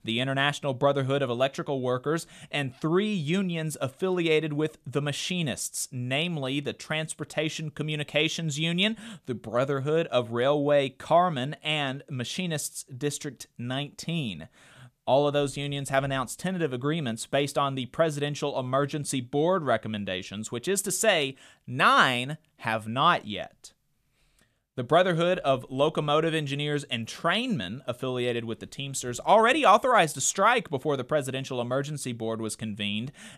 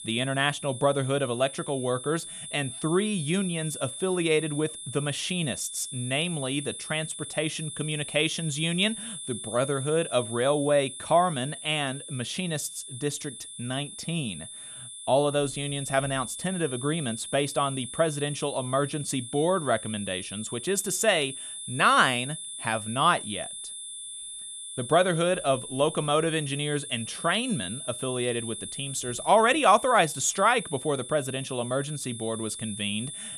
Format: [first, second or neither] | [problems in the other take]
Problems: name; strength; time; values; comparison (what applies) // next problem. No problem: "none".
first | high-pitched whine; loud; throughout; 10 kHz, 9 dB below the speech